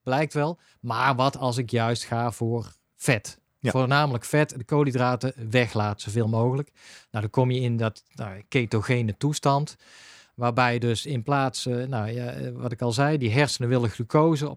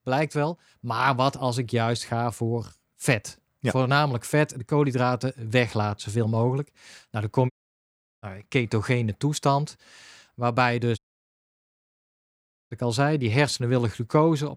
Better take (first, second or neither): first